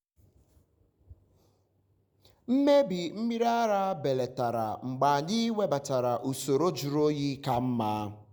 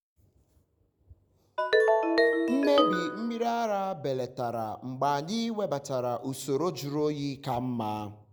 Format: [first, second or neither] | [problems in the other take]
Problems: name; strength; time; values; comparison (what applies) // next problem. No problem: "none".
first | background sound (Ringtone); 4 dB above the speech